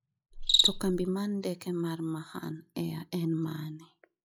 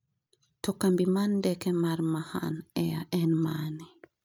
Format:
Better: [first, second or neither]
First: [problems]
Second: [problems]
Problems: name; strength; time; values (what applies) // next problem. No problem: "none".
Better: second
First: noise reduction (classical method log-MMSE)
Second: none